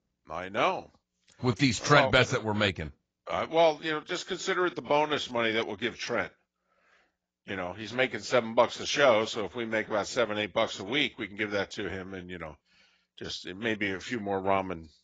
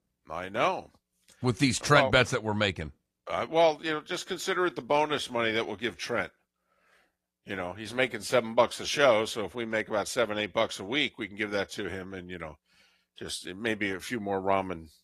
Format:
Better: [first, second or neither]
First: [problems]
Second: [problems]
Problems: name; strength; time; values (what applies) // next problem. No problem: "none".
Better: second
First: garbled, watery; badly; nothing above 7.5 kHz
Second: garbled, watery; slightly